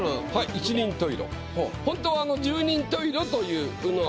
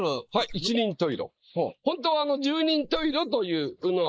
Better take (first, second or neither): first